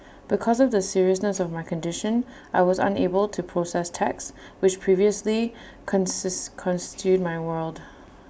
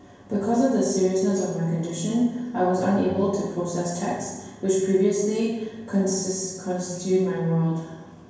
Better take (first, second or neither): first